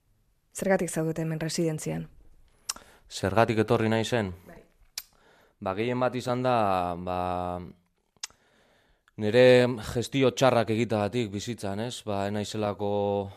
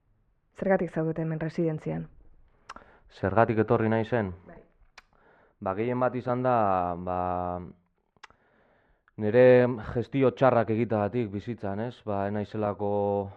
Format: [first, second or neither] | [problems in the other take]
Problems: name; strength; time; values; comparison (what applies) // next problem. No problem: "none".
first | muffled; very; fading above 1.5 kHz